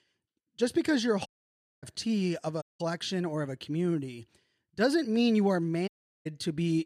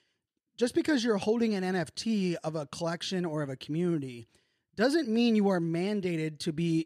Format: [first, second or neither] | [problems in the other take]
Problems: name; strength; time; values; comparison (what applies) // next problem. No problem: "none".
second | audio cutting out; at 1.5 s for 0.5 s, at 2.5 s and at 6 s